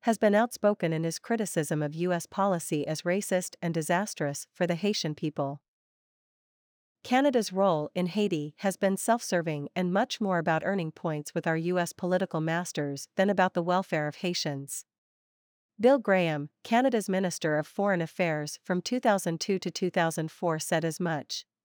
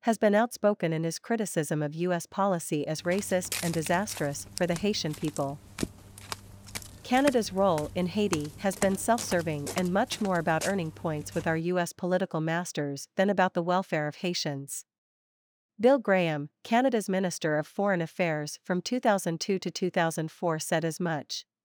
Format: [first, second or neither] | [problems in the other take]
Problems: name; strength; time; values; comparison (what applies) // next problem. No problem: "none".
first | footsteps; noticeable; from 3 to 11 s; peak 5 dB below the speech